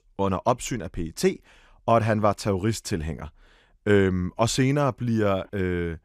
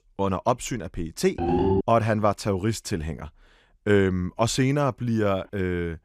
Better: first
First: none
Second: phone ringing; loud; at 1.5 s; peak 3 dB above the speech

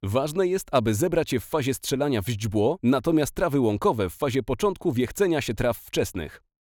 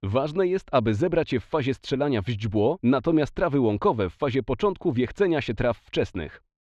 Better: first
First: none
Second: muffled; slightly; fading above 3.5 kHz

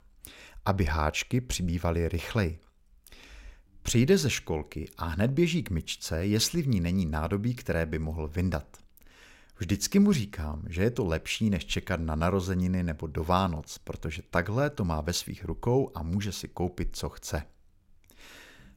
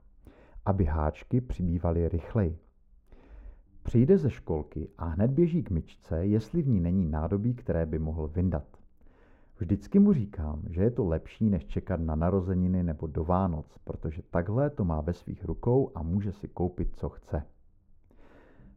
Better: first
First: none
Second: muffled; very; fading above 2 kHz

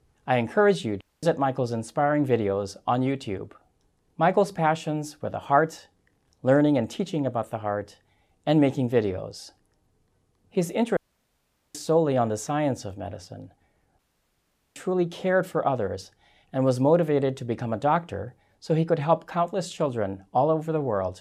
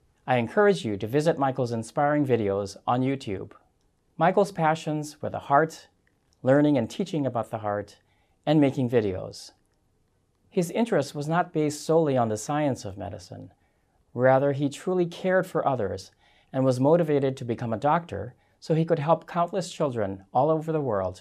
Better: second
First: audio cutting out; at 1 s, at 11 s for 1 s and at 14 s for 1 s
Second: none

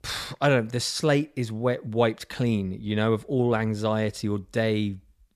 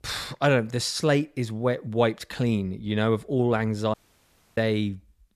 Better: first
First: none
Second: audio cutting out; at 4 s for 0.5 s

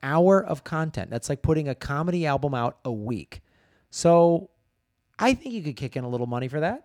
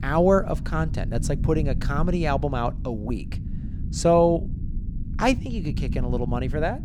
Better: first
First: none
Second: low rumble; noticeable; throughout; 20 dB below the speech

